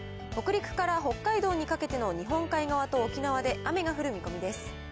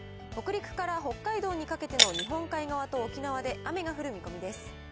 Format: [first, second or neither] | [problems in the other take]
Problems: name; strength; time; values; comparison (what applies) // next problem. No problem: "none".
first | background sound (Shatter); 1 dB above the speech